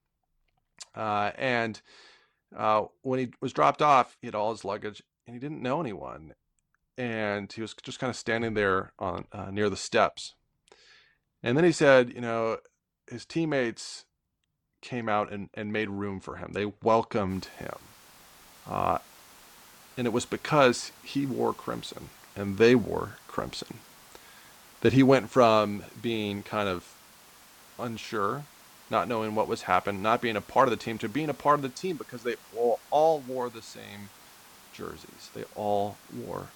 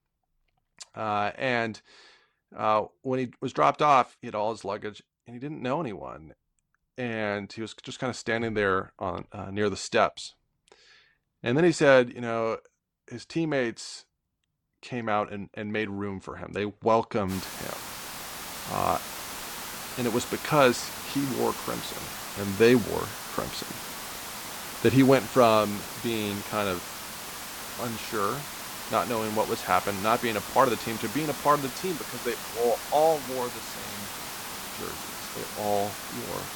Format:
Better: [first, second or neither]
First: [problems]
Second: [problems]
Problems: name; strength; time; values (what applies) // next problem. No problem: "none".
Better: first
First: hiss; faint; from 17 s on; 25 dB below the speech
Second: hiss; loud; from 17 s on; 8 dB below the speech